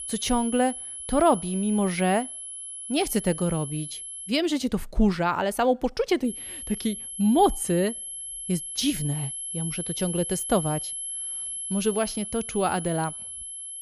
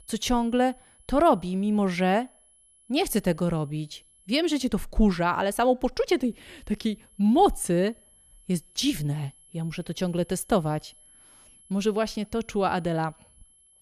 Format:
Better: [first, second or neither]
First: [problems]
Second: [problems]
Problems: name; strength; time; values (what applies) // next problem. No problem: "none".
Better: second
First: high-pitched whine; loud; until 4.5 s and from 6.5 s on; 11 kHz, 7 dB below the speech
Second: high-pitched whine; faint; until 4.5 s and from 6.5 s on; 11 kHz, 30 dB below the speech